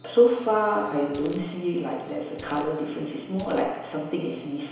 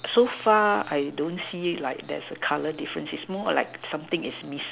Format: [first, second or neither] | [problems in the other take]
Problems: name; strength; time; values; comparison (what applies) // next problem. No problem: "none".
second | background sound (Coin (dropping)); 19 dB below the speech // room echo; dies away in 1 s